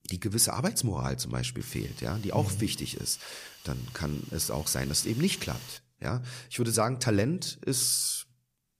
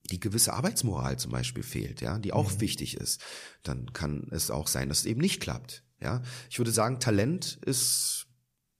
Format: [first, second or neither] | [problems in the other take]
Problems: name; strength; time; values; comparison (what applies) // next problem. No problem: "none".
second | hiss; noticeable; from 1.5 to 6 s; 20 dB below the speech